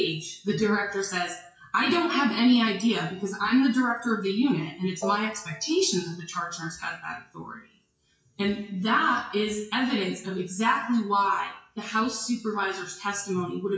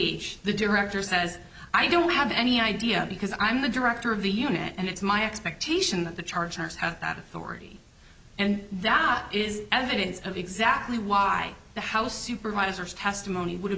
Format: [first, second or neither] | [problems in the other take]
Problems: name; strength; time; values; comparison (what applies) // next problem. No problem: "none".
second | noise reduction (classical method WPE with log-MMSE)